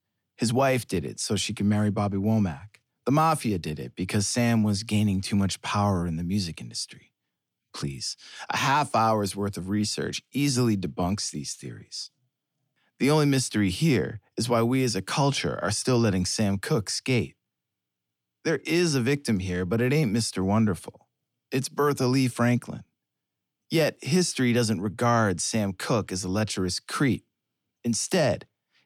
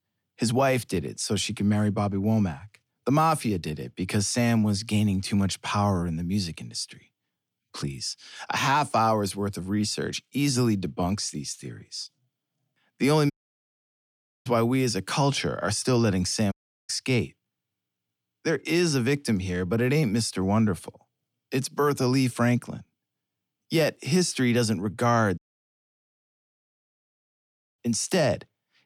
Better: first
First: none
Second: audio cutting out; at 13 s for 1 s, at 17 s and at 25 s for 2.5 s

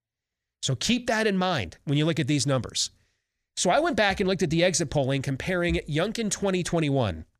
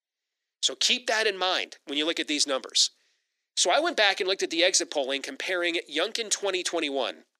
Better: first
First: none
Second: thin; somewhat; fading below 300 Hz

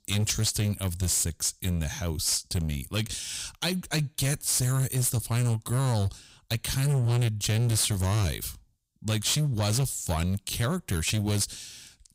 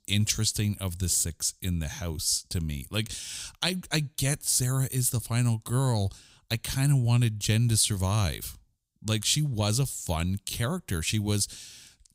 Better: second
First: distortion; slight; 15% of the sound clipped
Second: none

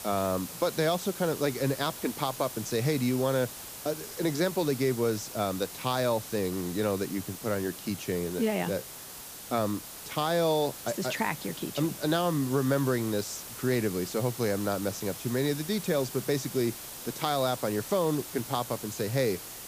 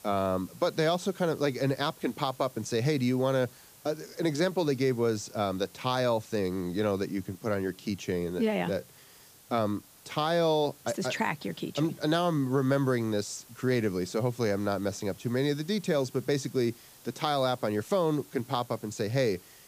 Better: second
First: hiss; loud; throughout; 10 dB below the speech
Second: hiss; faint; throughout; 25 dB below the speech

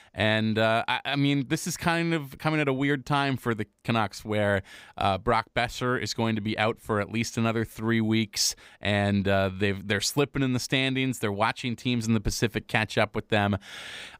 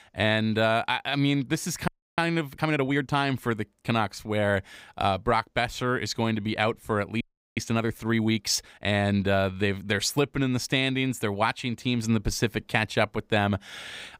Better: first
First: none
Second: audio freezing; at 2 s and at 7 s

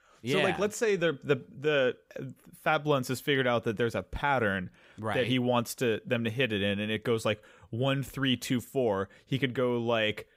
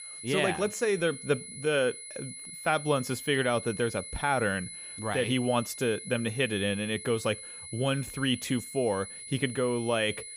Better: first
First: none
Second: high-pitched whine; noticeable; throughout; 10 kHz, 10 dB below the speech

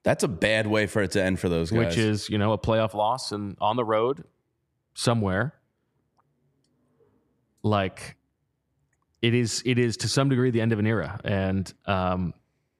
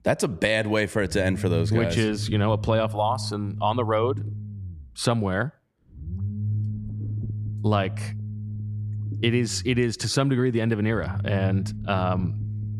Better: first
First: none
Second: low rumble; noticeable; throughout; 20 dB below the speech

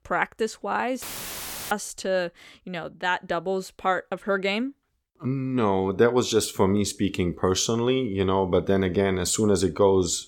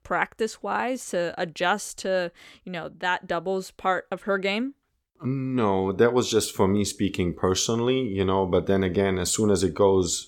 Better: second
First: audio cutting out; filled with static; at 1 s for 0.5 s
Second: none

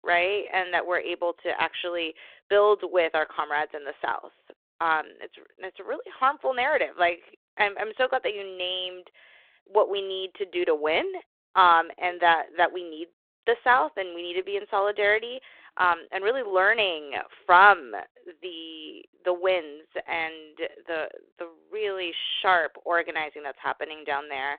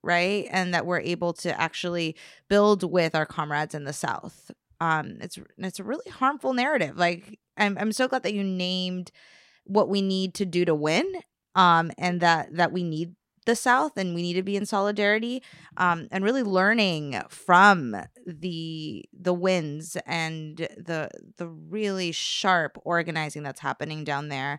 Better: second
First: phone-call audio; nothing above 3.5 kHz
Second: none

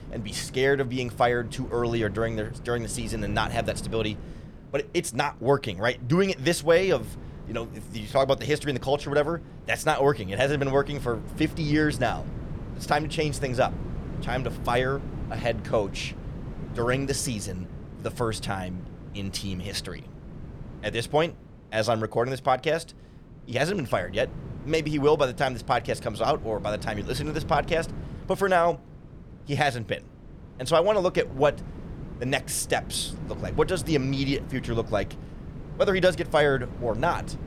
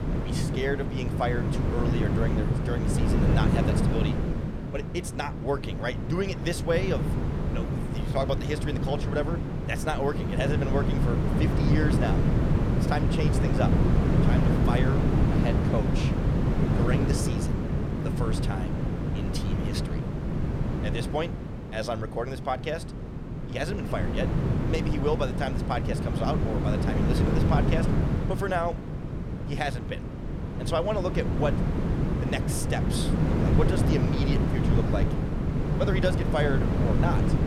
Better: first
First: wind noise on the microphone; occasional gusts; 20 dB below the speech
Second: wind noise on the microphone; heavy; 2 dB below the speech

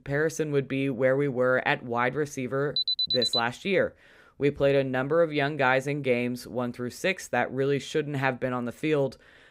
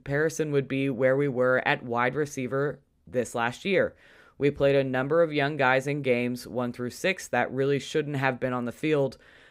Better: second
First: alarm; loud; at 3 s; peak 3 dB above the speech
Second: none

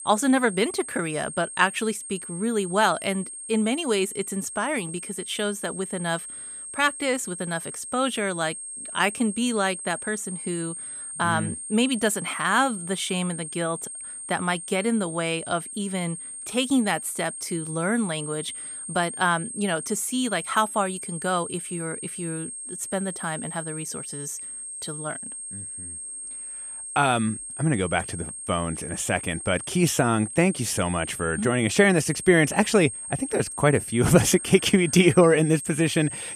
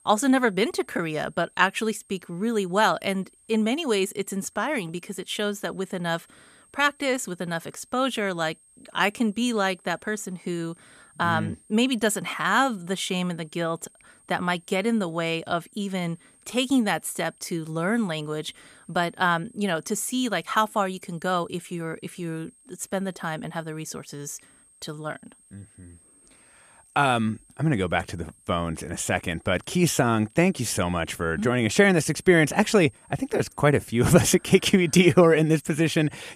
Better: second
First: high-pitched whine; loud; throughout; 8.5 kHz, 9 dB below the speech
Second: high-pitched whine; faint; throughout; 8.5 kHz, 30 dB below the speech

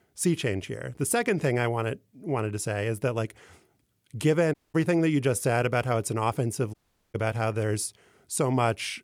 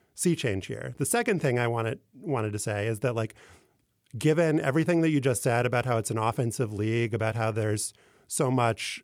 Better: second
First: audio cutting out; at 4.5 s and at 6.5 s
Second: none

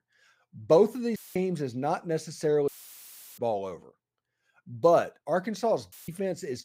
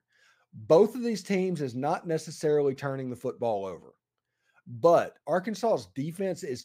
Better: second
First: audio cutting out; filled with static; at 1 s, at 2.5 s for 0.5 s and at 6 s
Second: none

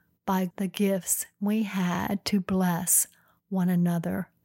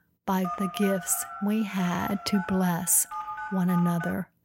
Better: first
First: none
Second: phone ringing; noticeable; peak 7 dB below the speech

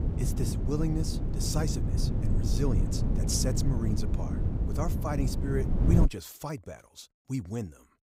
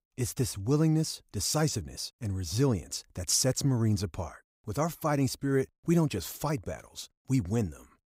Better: second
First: wind noise on the microphone; heavy; until 6 s; 3 dB below the speech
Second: none

